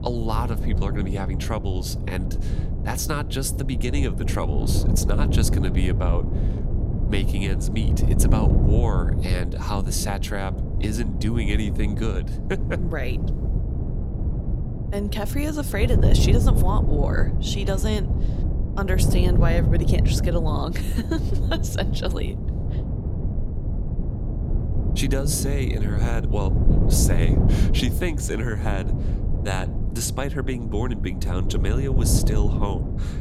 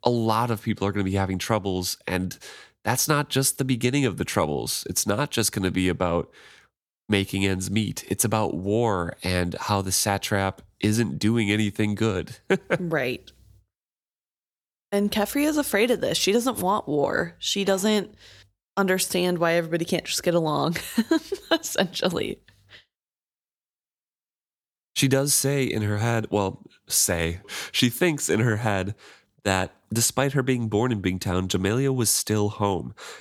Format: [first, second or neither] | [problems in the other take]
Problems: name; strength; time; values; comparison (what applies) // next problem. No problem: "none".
second | wind noise on the microphone; heavy; 5 dB below the speech